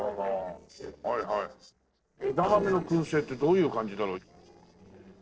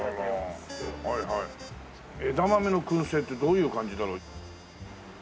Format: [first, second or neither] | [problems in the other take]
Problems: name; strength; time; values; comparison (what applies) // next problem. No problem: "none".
second | noise reduction (neural separator model SepFormer DNS4)